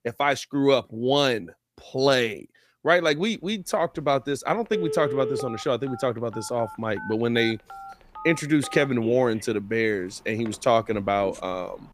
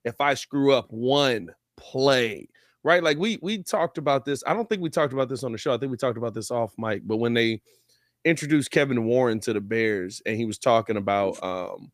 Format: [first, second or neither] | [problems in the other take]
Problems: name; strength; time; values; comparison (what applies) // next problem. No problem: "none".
second | phone ringing; noticeable; from 4.5 to 11 s; peak 3 dB below the speech